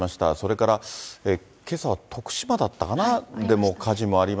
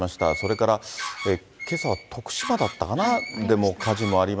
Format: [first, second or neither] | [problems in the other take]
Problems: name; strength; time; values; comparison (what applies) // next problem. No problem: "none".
first | background sound (Door); 11 dB below the speech